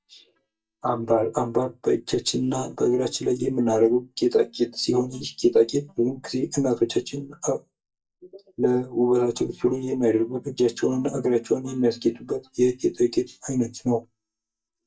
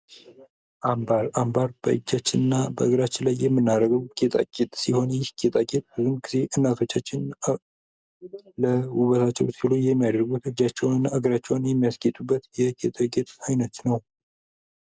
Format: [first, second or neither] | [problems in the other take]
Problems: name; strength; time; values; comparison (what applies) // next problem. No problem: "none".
second | noise reduction (neural mask model DeepFilterNet 3)